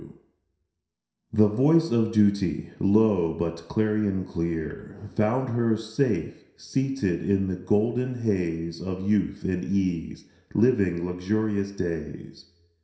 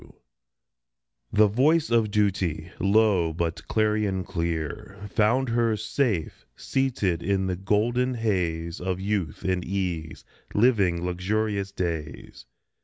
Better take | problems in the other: second | room echo; dies away in 0.7 s

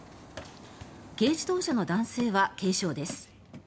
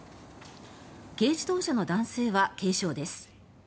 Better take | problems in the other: second | background sound (Run); 18 dB below the speech

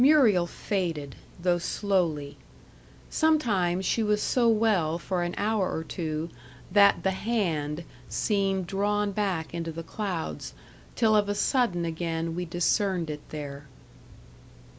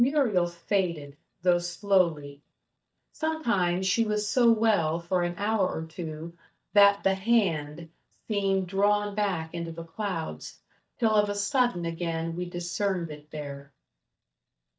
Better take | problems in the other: first | noise reduction (neural mask model DeepFilterNet 3)

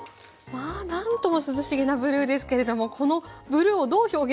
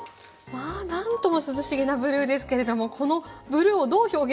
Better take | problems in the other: first | room echo; dies away in 1 s

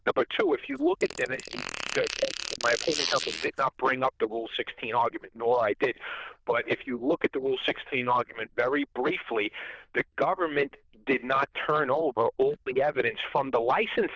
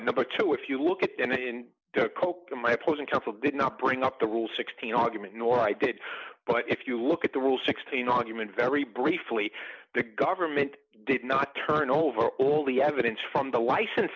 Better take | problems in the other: second | noise reduction (neural diffusion model UNIVERSE++)

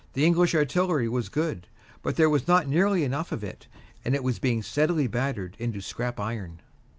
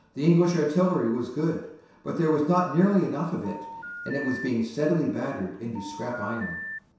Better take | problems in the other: first | background sound (Telephone); 12 dB below the speech // room echo; dies away in 0.7 s

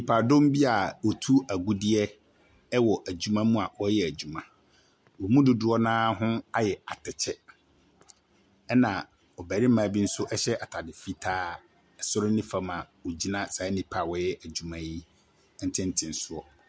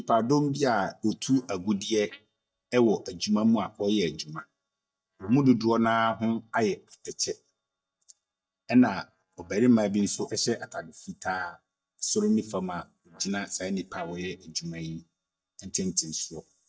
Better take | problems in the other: first | noise reduction (neural mask model DeepFilterNet 3)

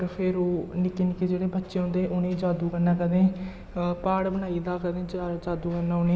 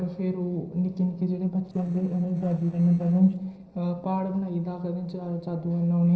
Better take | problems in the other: first | noise reduction (neural separator model SepFormer DNS4)

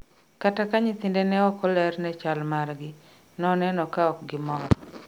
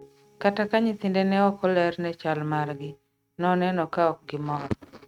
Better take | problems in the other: first | noise reduction (neural mask model RNNoise)

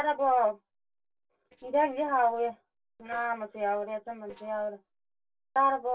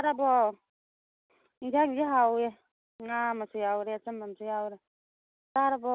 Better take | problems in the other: second | noise reduction (neural separator model SepFormer DNS4)

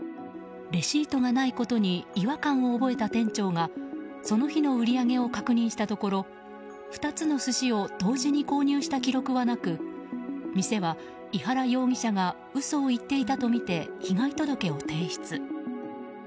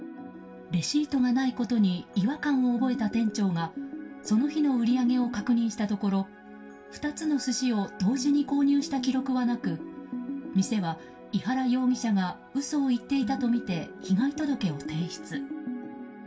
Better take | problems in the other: first | room echo; dies away in 0.2 s

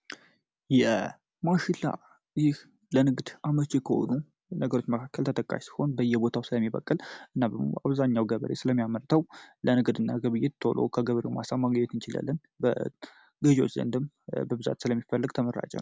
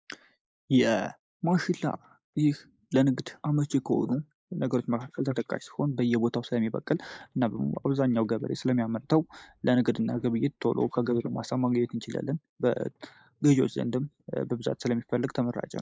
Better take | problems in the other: first | noise reduction (neural mask model Resemble Enhance denoiser)

